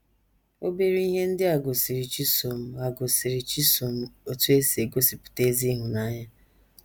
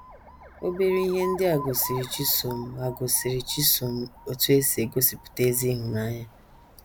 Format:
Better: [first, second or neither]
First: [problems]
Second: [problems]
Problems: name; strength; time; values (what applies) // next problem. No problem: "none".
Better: first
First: none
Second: background sound (Alarm); 16 dB below the speech